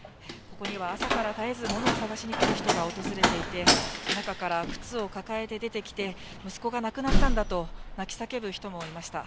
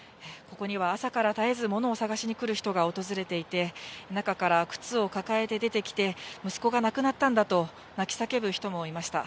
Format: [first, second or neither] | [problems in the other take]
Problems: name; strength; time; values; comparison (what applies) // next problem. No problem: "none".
second | background sound (Slam); 4 dB above the speech